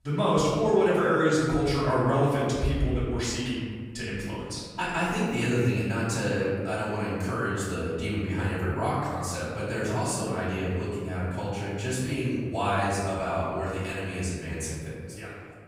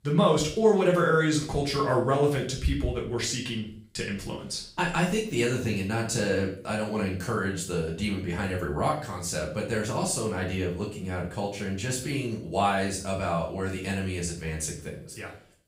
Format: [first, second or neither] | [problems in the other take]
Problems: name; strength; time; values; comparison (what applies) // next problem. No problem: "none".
second | room echo; strong; dies away in 1.5 s; slight in the second // off-mic speech; far; far in the second